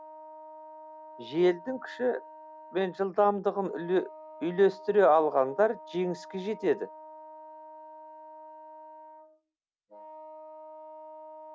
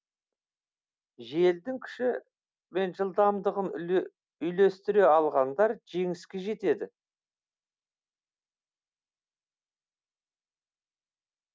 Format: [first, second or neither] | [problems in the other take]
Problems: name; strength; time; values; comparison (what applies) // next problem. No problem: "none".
second | background sound (Wind instrument, woodwind instrument); 17 dB below the speech